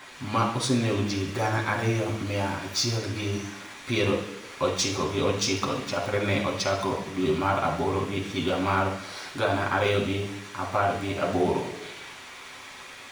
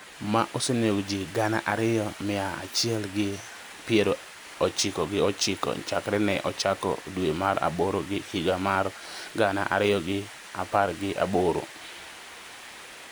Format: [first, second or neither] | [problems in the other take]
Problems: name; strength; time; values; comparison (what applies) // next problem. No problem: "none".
second | room echo; dies away in 0.8 s